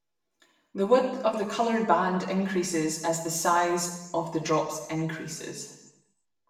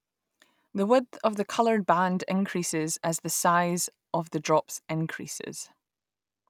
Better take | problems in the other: second | room echo; dies away in 0.9 s

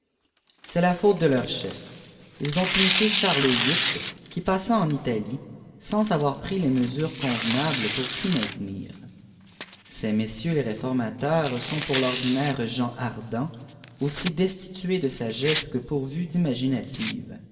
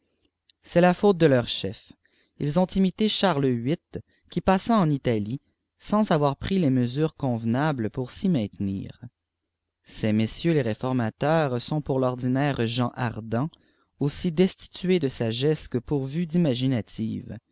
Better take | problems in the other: second | background sound (Tearing); 7 dB below the speech // room echo; dies away in 2.1 s

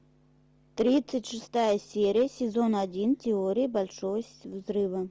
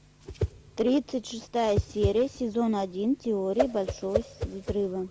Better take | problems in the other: first | background sound (Whoosh, swoosh, swish); 6 dB below the speech

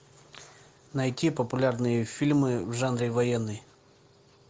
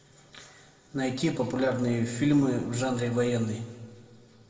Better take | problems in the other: first | room echo; dies away in 1.6 s

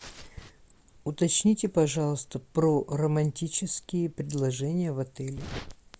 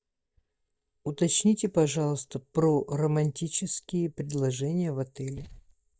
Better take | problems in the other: first | noise reduction (neural mask model DeepFilterNet 3)

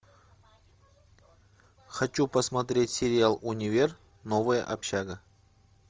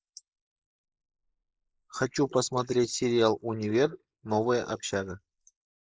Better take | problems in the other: first | noise reduction (neural mask model Resemble Enhance denoiser)

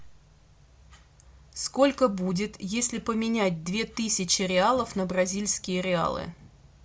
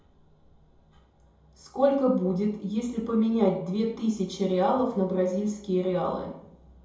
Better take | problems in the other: first | room echo; dies away in 2.5 s

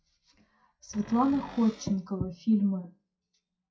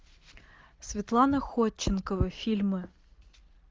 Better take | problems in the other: second | noise reduction (classical method WPE with log-MMSE)

